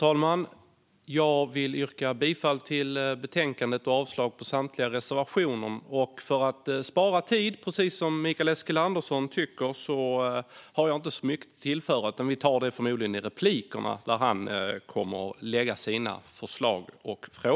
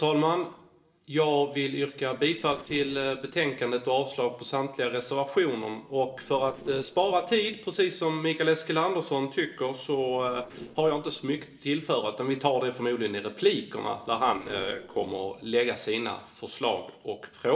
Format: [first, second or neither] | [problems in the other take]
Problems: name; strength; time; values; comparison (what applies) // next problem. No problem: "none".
first | noise reduction (neural separator model SepFormer DNS4)